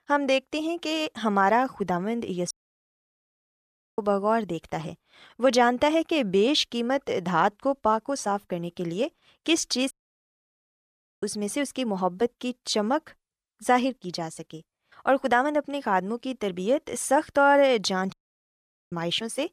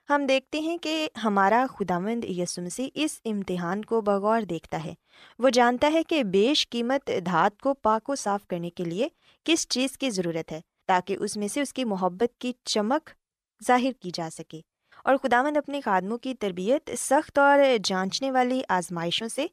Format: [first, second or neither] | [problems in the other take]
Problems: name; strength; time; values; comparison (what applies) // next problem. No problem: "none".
second | audio cutting out; at 2.5 s for 1.5 s, at 10 s for 1.5 s and at 18 s for 1 s